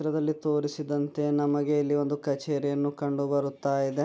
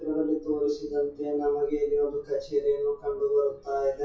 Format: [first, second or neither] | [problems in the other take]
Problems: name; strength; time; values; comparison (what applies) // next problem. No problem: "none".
first | noise reduction (classical method WPE with log-MMSE)